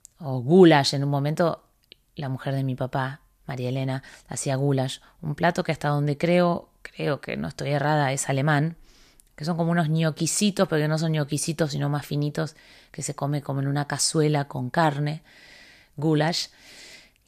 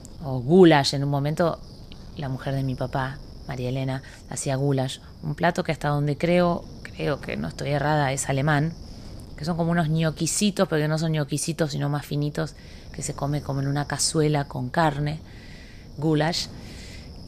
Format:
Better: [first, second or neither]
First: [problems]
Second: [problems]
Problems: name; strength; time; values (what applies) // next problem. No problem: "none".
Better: first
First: none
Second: wind noise on the microphone; occasional gusts; 25 dB below the speech